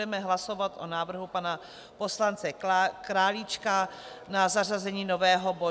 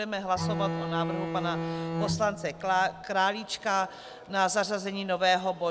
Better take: first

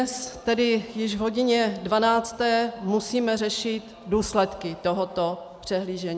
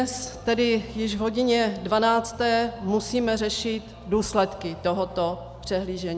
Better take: first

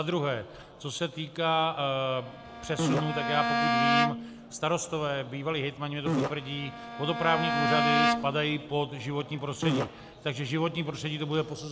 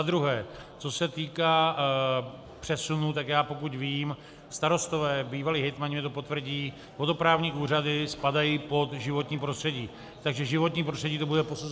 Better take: second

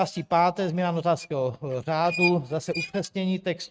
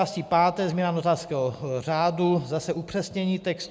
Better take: second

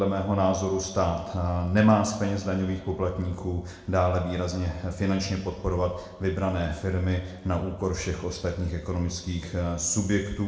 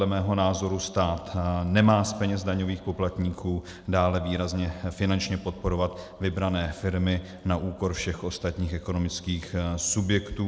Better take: second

